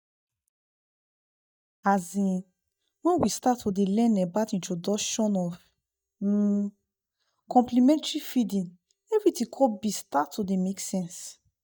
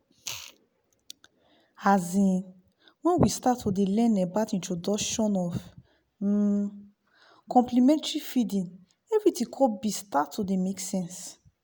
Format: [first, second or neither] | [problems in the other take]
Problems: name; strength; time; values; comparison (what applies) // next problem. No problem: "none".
second | noise reduction (neural mask model DeepFilterNet 3)